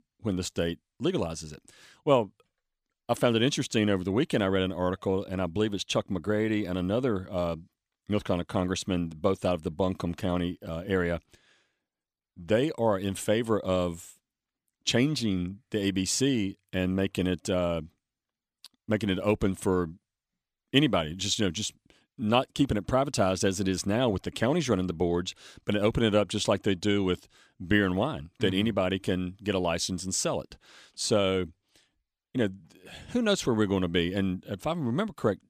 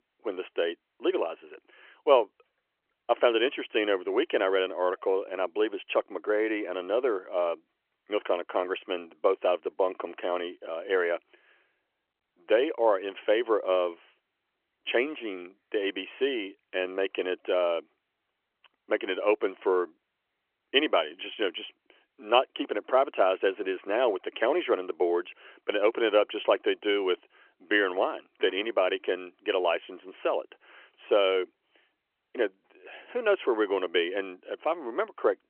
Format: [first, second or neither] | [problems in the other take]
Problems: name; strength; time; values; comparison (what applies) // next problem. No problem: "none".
first | phone-call audio; nothing above 3 kHz